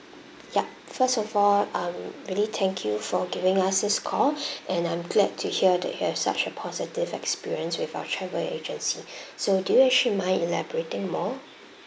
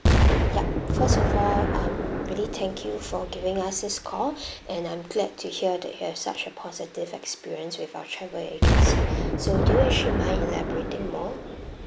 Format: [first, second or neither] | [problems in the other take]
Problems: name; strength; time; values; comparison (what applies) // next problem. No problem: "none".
first | background sound (Explosion); 5 dB above the speech